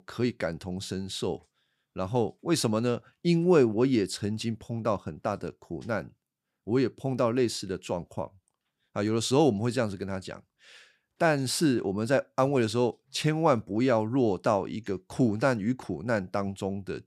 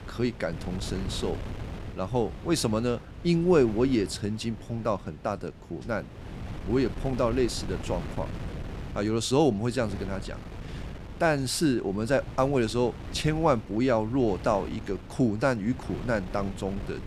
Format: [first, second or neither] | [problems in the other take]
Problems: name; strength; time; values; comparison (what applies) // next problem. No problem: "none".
first | wind noise on the microphone; occasional gusts; 15 dB below the speech